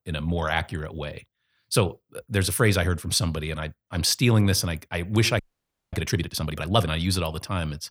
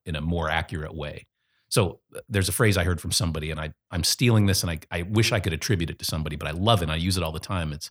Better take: second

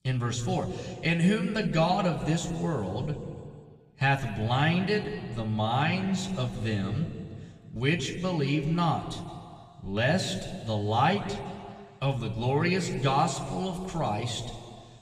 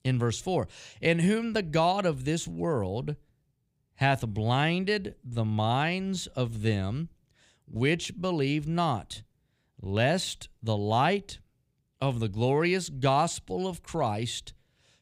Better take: second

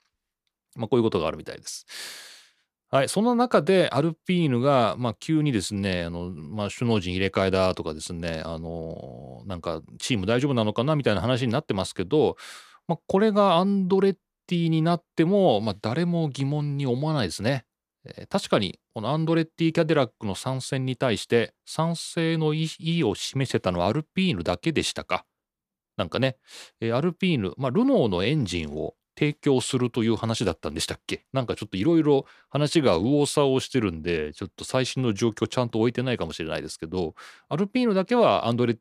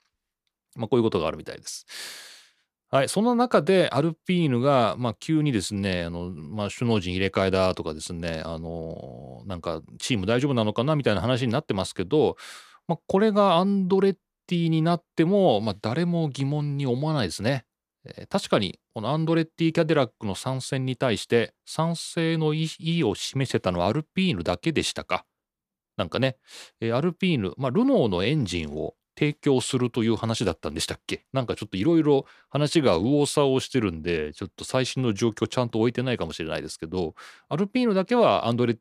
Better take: neither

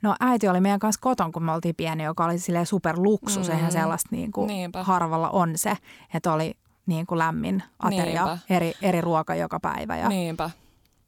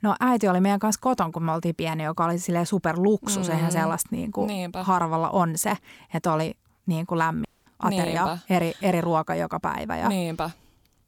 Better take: first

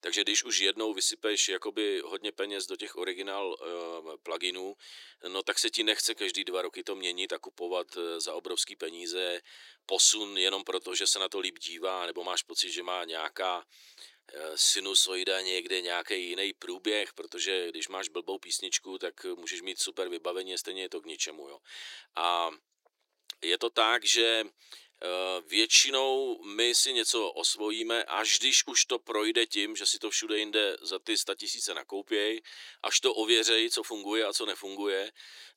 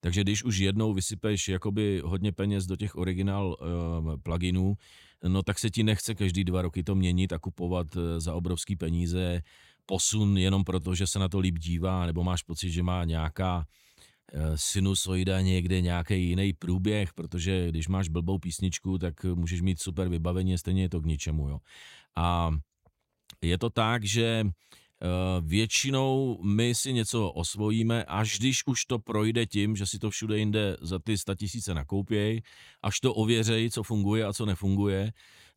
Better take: second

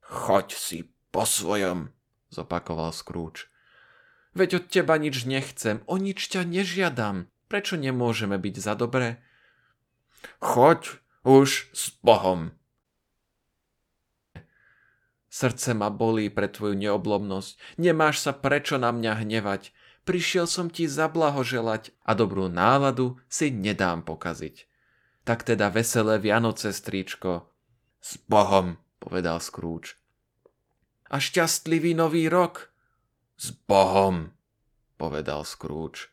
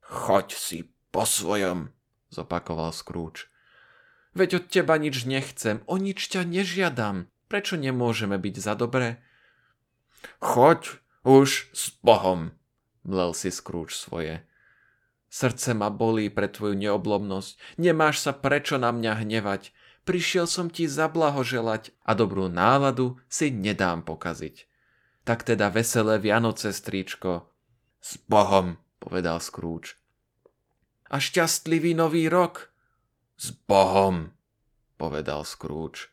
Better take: second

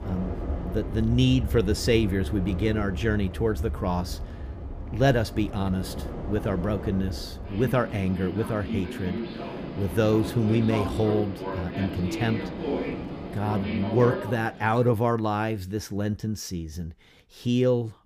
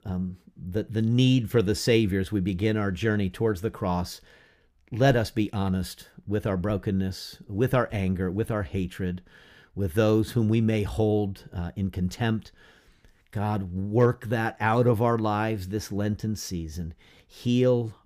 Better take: second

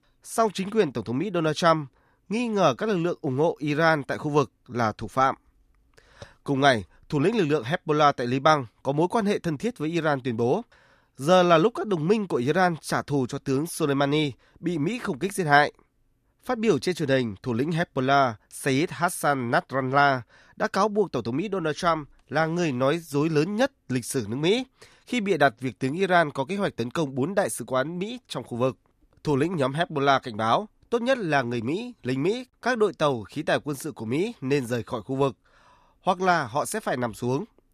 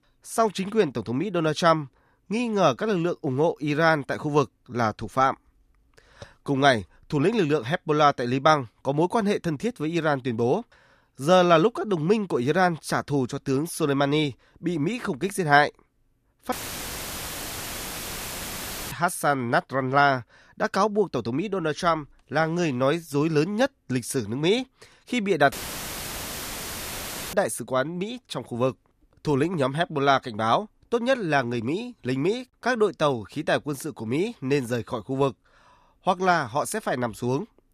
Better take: first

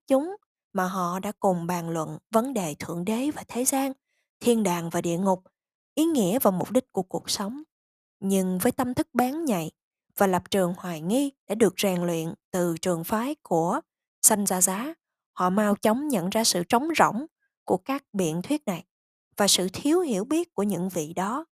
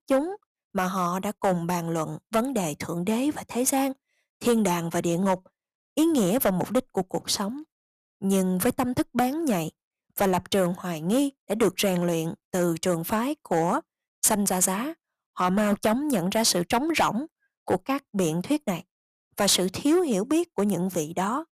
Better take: first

